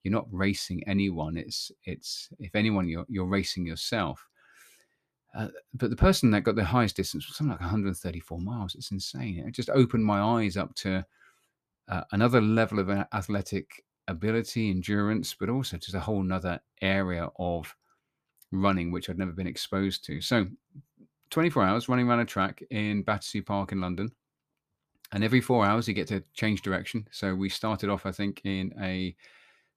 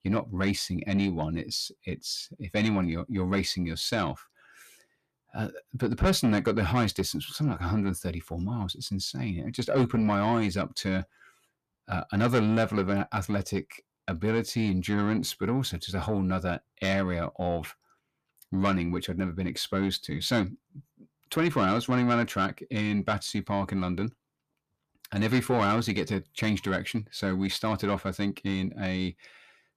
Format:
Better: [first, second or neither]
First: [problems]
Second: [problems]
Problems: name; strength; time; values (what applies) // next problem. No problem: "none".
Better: first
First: none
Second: distortion; slight; 10 dB below the speech